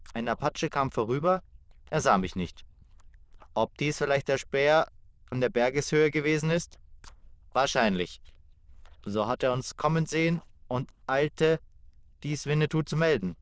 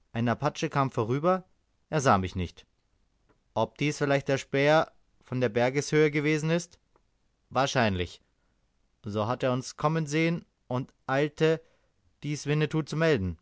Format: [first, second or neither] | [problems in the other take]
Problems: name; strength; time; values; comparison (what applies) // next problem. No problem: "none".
second | noise reduction (neural diffusion model UNIVERSE++)